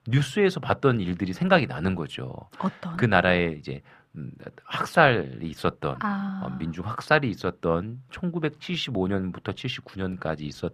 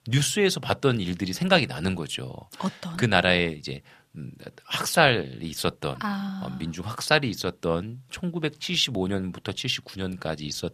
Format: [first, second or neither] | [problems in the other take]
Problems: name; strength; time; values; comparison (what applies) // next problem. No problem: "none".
second | muffled; slightly; fading above 3.5 kHz